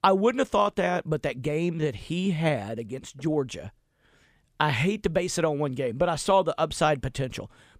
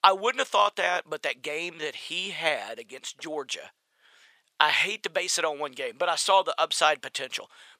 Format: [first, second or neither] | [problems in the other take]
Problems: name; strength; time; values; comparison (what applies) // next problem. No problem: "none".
first | thin; very; fading below 800 Hz